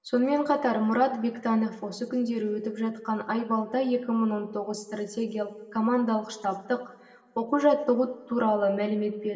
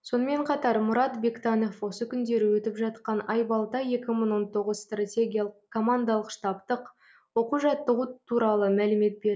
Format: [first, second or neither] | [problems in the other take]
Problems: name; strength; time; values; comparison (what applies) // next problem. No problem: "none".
second | room echo; dies away in 1.3 s